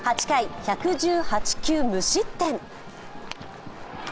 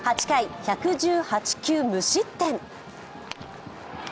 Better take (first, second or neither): second